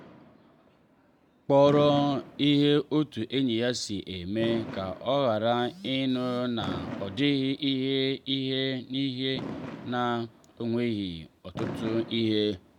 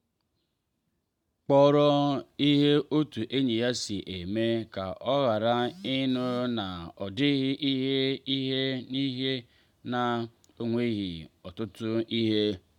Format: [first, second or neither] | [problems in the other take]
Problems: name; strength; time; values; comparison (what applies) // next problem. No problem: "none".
second | background sound (Fireworks); 14 dB below the speech